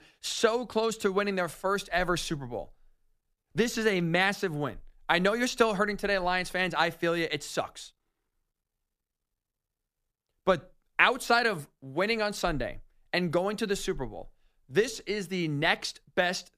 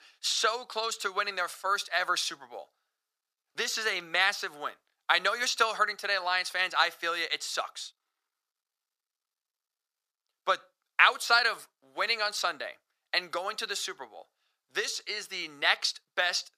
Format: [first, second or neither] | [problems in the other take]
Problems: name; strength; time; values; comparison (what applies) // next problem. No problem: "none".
first | thin; very; fading below 800 Hz